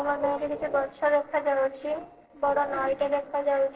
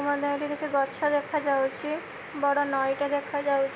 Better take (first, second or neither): second